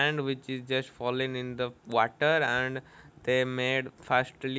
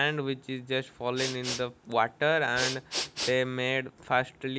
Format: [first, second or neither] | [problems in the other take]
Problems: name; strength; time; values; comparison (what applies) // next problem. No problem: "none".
first | background sound (Respiratory sounds); 8 dB below the speech